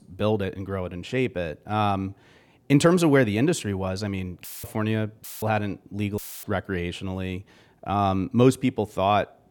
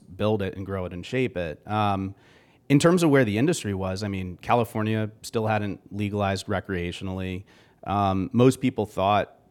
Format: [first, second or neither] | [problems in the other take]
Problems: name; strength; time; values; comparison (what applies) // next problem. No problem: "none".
second | audio cutting out; filled with static; at 4.5 s, at 5 s and at 6 s